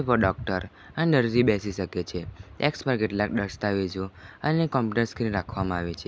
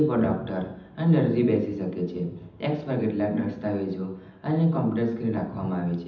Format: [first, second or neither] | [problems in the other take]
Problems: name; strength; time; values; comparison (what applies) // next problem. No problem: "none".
first | room echo; dies away in 0.8 s